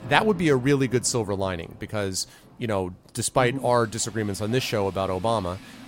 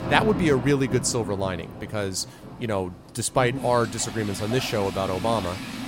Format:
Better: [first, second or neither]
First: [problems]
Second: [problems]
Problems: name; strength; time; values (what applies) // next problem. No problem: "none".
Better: first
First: rain or running water; faint; throughout; 20 dB below the speech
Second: rain or running water; loud; throughout; 9 dB below the speech